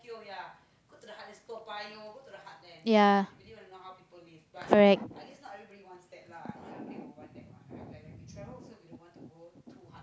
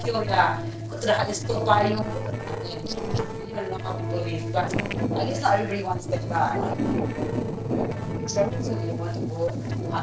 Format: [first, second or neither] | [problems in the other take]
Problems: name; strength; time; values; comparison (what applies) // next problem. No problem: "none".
first | noise reduction (neural separator model SepFormer DNS4)